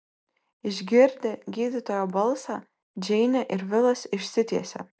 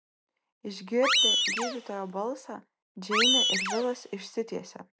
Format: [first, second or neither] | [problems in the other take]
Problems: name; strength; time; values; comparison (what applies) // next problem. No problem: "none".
first | background sound (Animal); 5 dB above the speech